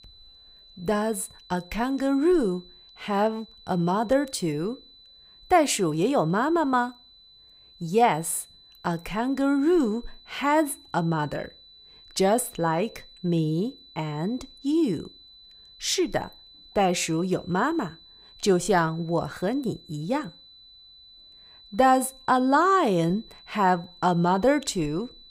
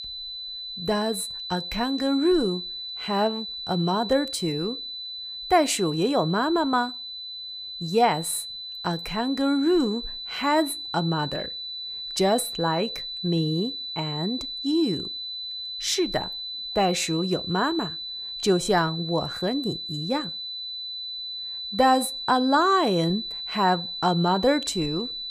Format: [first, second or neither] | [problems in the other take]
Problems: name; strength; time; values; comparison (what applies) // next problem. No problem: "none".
first | high-pitched whine; loud; throughout; 4 kHz, 6 dB below the speech; faint in the first